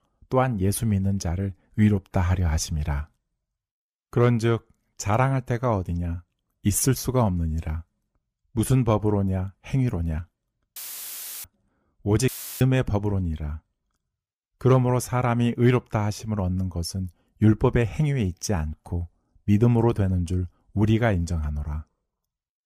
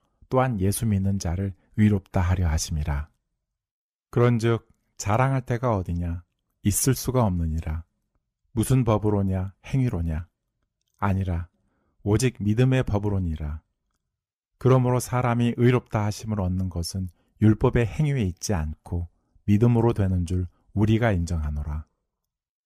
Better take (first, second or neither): second